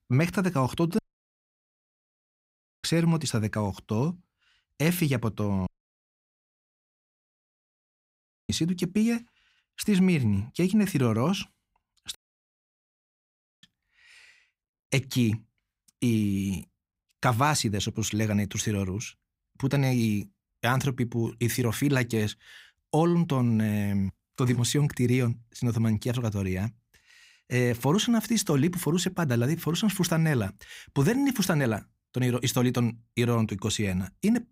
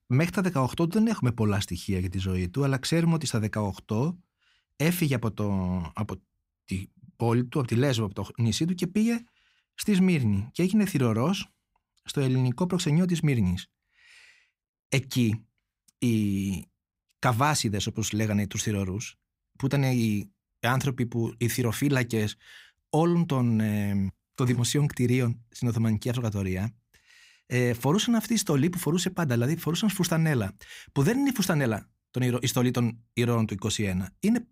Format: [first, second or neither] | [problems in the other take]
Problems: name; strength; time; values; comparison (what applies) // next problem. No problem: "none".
second | audio cutting out; at 1 s for 2 s, at 5.5 s for 3 s and at 12 s for 1.5 s